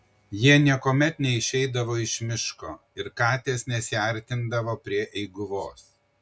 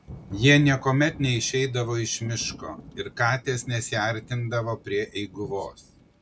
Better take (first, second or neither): first